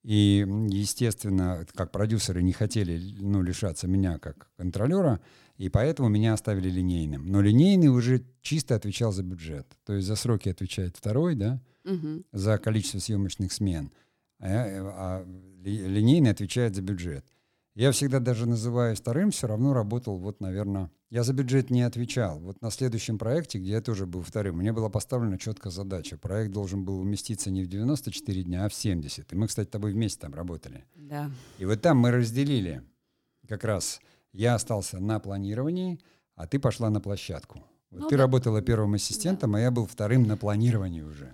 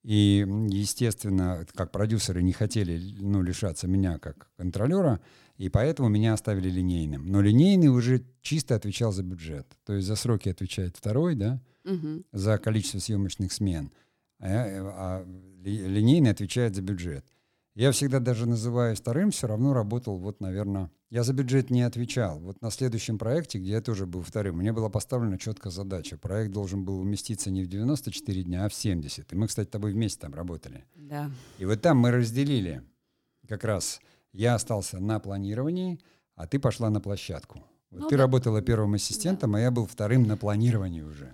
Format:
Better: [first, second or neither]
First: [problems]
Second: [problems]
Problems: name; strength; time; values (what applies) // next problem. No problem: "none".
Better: neither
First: none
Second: none